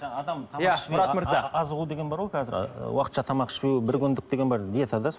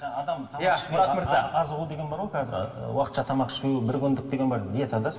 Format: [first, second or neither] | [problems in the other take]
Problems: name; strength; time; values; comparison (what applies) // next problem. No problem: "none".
first | room echo; dies away in 1.9 s